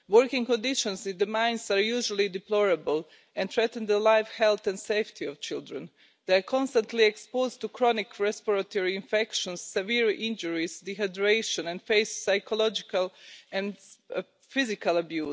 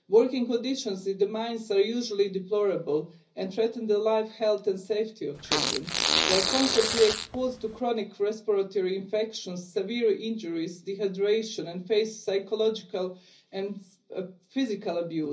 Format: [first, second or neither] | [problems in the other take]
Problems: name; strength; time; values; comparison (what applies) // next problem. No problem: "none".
first | background sound (Fart); as loud as the speech // room echo; dies away in 0.5 s